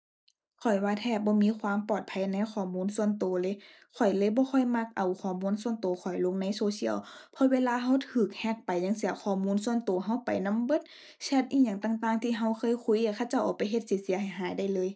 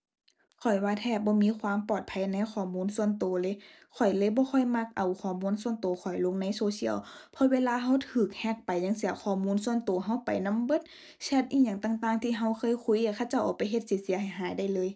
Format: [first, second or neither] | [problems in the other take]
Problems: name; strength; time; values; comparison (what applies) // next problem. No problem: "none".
second | noise reduction (neural mask model Resemble Enhance denoiser)